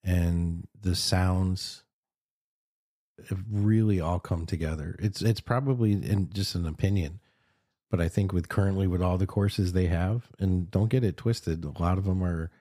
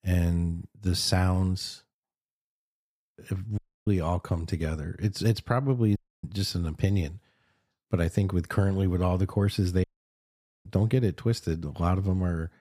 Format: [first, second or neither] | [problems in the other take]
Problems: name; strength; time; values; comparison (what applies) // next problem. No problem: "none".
first | audio cutting out; at 3.5 s, at 6 s and at 10 s for 1 s